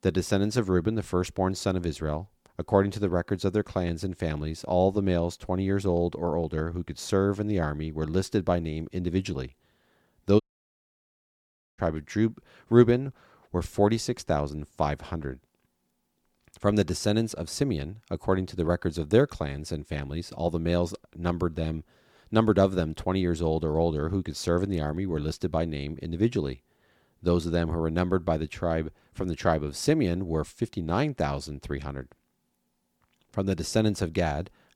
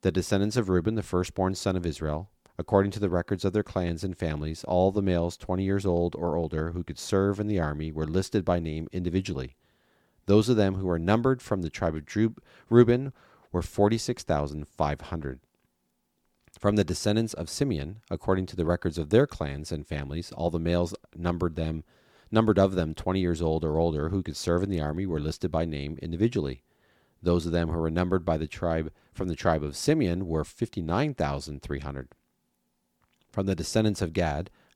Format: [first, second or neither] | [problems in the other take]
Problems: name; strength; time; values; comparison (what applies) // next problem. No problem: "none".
second | audio cutting out; at 10 s for 1.5 s